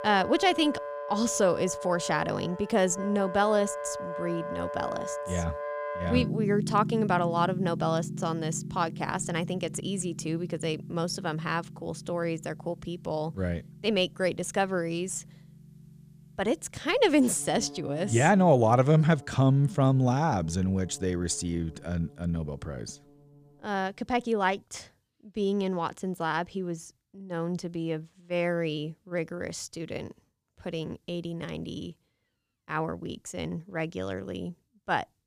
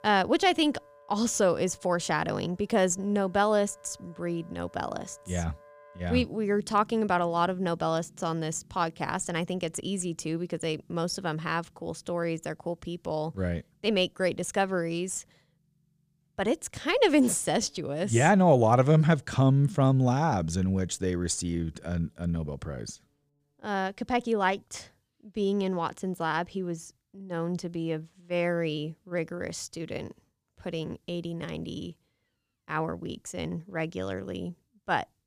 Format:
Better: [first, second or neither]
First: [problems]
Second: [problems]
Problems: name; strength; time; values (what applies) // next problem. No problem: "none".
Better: second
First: background music; loud; until 24 s; 9 dB below the speech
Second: background music; faint; until 24 s; 30 dB below the speech